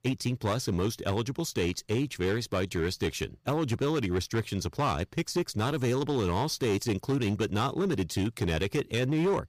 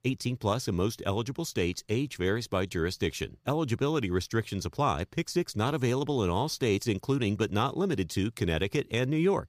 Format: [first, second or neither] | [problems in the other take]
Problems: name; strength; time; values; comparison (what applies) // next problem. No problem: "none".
second | distortion; slight; 9% of the sound clipped